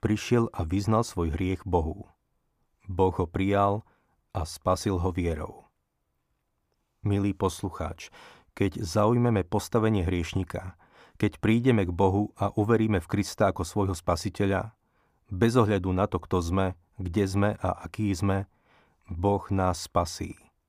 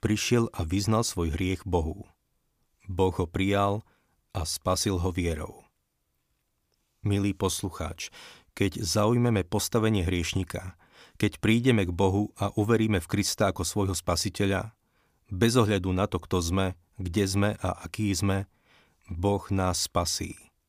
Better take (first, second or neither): second